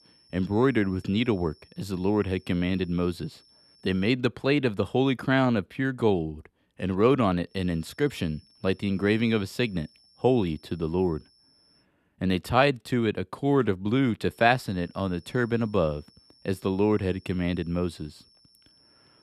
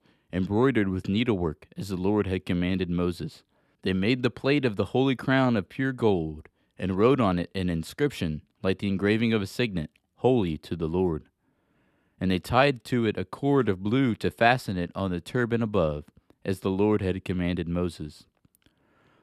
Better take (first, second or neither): second